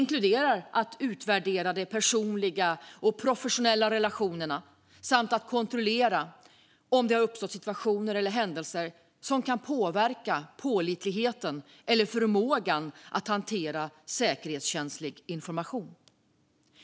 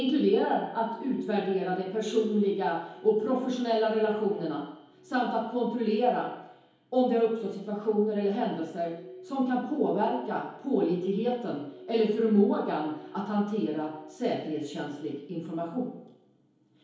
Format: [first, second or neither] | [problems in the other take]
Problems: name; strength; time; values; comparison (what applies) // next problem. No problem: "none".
first | background sound (Glass); 19 dB below the speech // room echo; dies away in 2.2 s